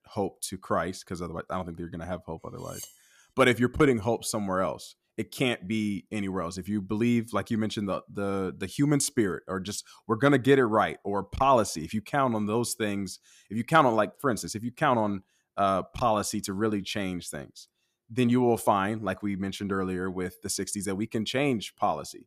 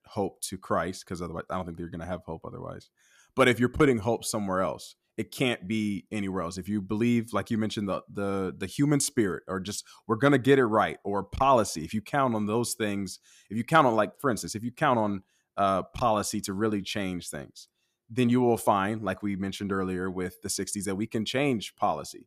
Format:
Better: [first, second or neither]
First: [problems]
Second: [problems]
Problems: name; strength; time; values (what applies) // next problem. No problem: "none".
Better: second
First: clattering dishes; faint; at 2.5 s; peak 15 dB below the speech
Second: none